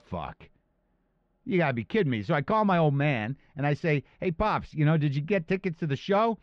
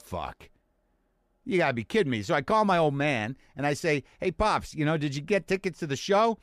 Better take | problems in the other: second | muffled; slightly; fading above 3.5 kHz

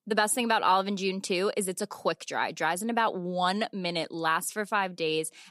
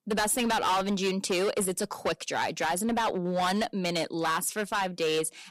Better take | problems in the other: first | distortion; heavy; 14% of the sound clipped

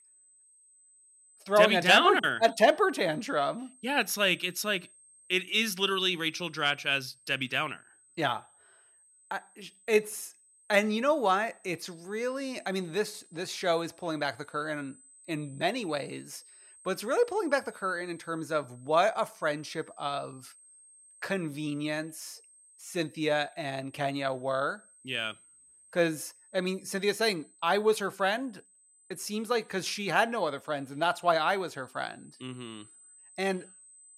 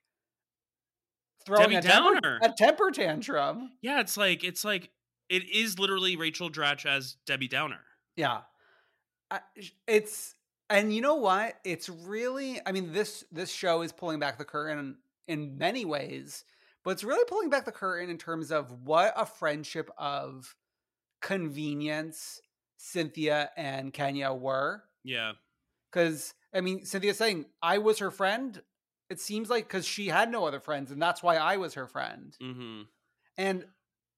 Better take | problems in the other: second | high-pitched whine; faint; throughout; 8.5 kHz, 25 dB below the speech

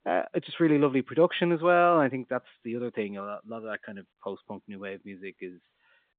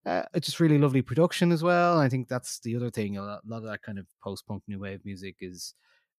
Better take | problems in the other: second | phone-call audio

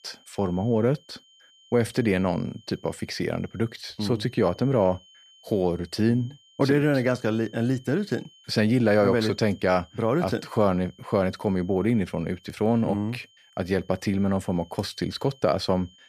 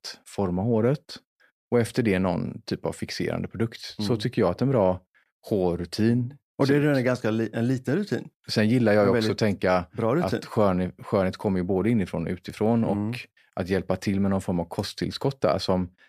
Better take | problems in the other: second | high-pitched whine; faint; throughout; 3 kHz, 30 dB below the speech

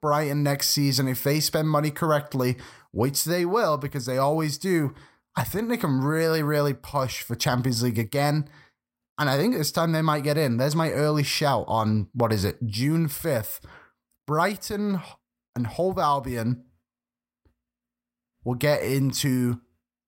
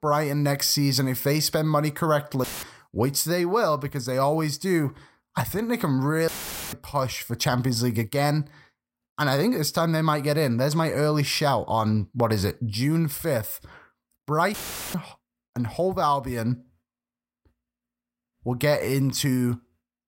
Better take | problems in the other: first | audio cutting out; filled with static; at 2.5 s, at 6.5 s and at 15 s

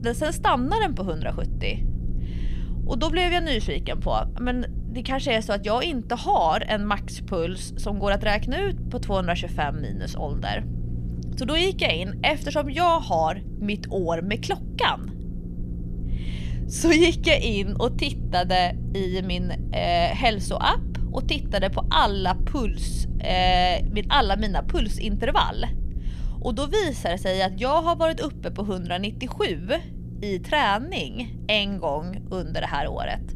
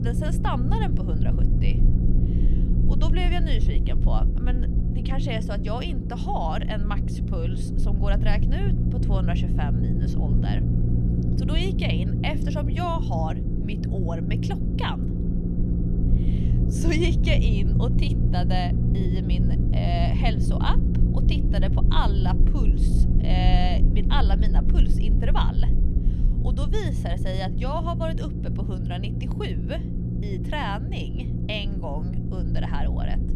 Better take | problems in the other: first | low rumble; loud; throughout; 4 dB below the speech; faint in the first

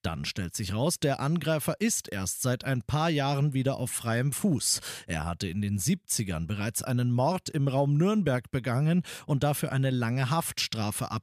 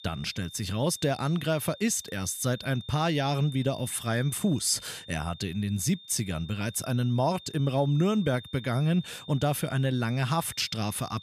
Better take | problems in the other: first | high-pitched whine; noticeable; throughout; 3.5 kHz, 15 dB below the speech

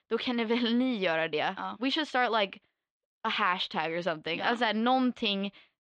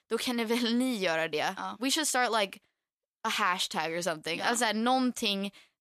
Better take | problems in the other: second | muffled; slightly; fading above 3.5 kHz

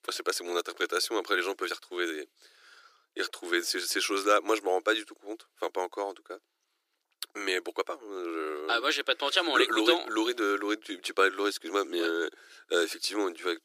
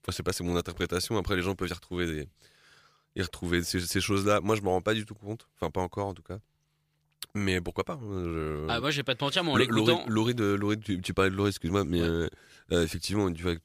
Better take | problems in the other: second | thin; very; fading below 300 Hz

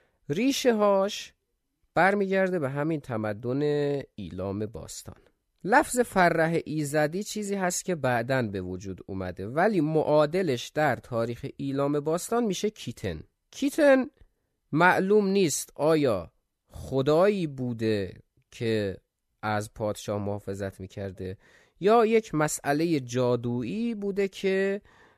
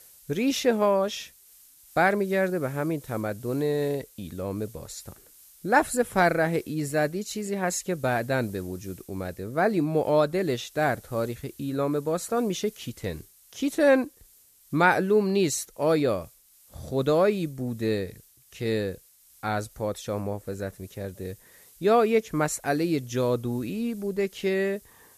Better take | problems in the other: first | hiss; faint; throughout; 25 dB below the speech

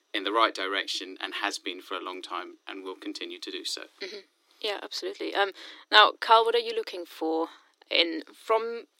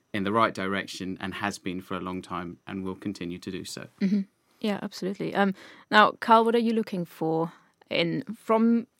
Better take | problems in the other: second | thin; very; fading below 300 Hz

